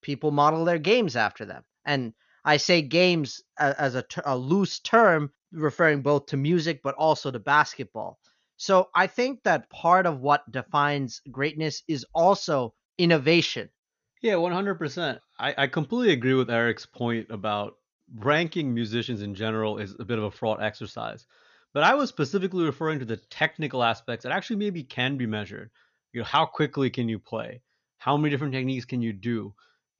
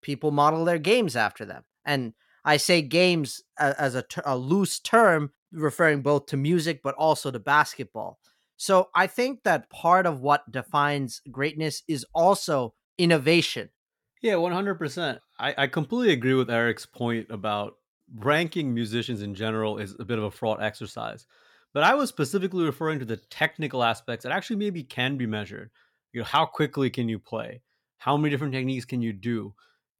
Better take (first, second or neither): second